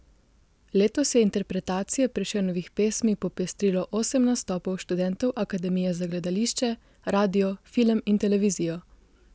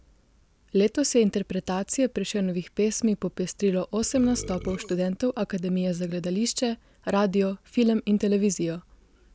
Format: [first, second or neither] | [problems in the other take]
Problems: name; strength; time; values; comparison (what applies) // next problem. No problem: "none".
first | background sound (Burping, eructation); 14 dB below the speech